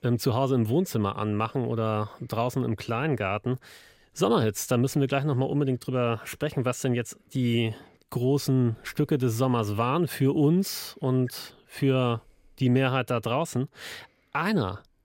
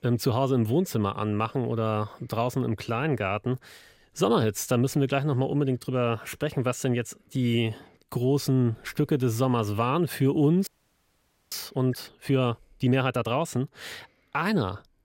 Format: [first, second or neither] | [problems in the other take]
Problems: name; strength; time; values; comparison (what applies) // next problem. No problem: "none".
first | audio freezing; at 11 s for 1 s